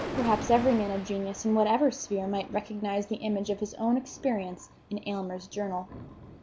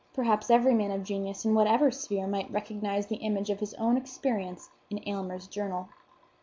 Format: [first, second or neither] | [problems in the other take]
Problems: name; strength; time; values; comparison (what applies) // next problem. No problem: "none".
second | background sound (Thunder); 13 dB below the speech